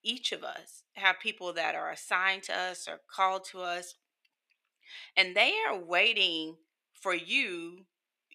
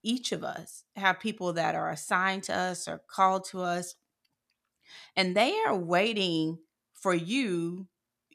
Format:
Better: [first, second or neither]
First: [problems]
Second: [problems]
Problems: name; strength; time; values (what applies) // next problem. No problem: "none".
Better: second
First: thin; somewhat; fading below 450 Hz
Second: none